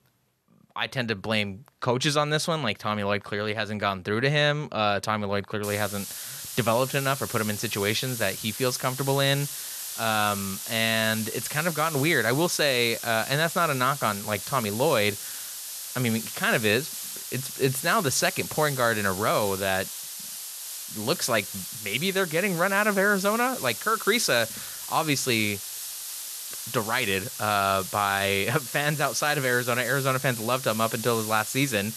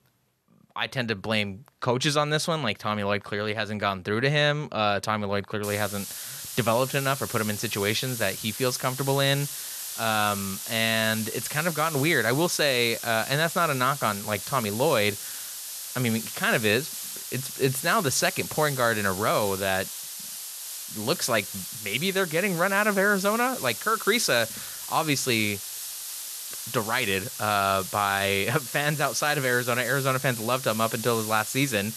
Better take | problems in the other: neither | hiss; loud; from 5.5 s on; 8 dB below the speech; the same in both

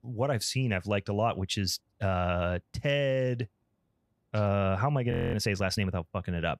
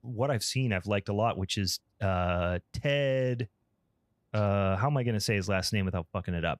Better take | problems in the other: second | audio freezing; at 5 s

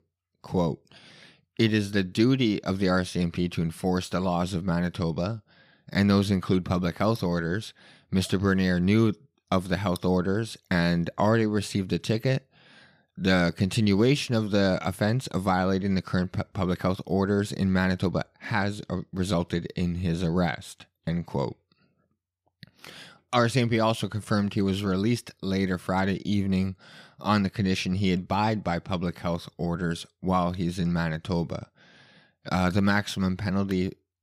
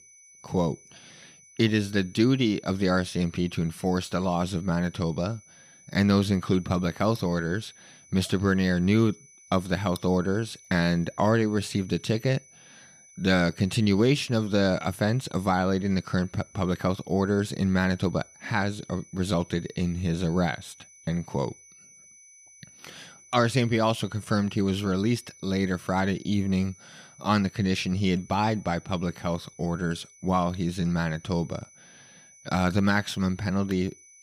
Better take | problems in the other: first | high-pitched whine; faint; throughout; 6 kHz, 25 dB below the speech

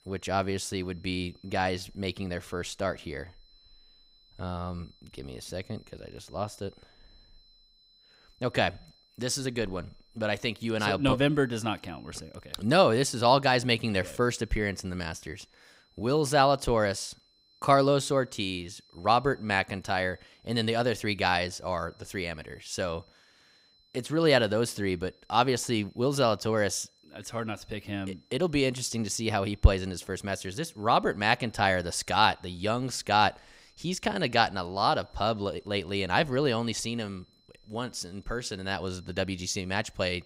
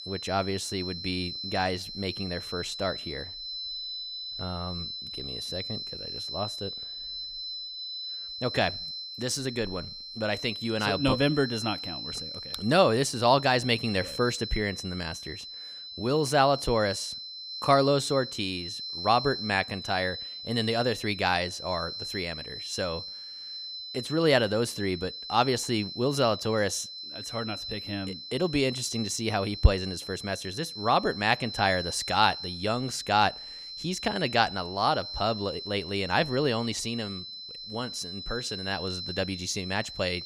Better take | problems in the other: first | high-pitched whine; loud; throughout; 4 kHz, 8 dB below the speech; faint in the first

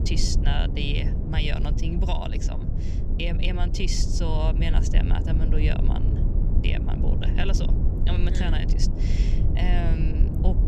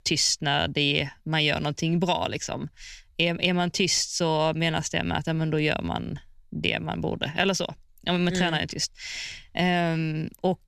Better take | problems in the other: second | low rumble; loud; throughout; 5 dB below the speech

